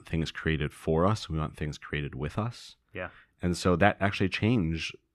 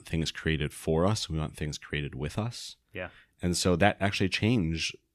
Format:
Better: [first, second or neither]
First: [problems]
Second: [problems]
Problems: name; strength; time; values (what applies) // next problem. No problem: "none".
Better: second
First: muffled; slightly; fading above 3.5 kHz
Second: none